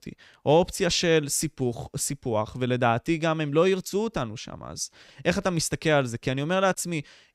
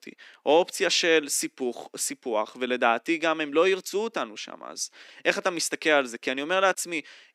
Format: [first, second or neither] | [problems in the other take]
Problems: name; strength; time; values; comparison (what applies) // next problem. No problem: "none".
first | thin; somewhat; fading below 250 Hz